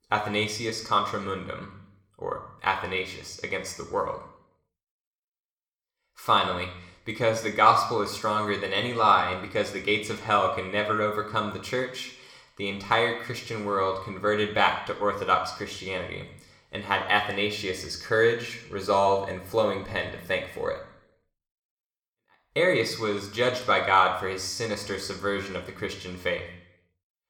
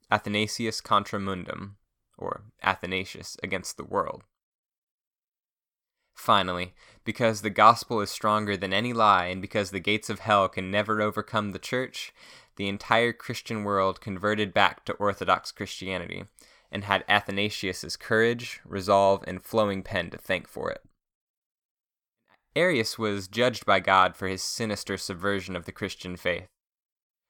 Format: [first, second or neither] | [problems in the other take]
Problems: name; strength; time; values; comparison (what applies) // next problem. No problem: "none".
second | room echo; slight; dies away in 0.7 s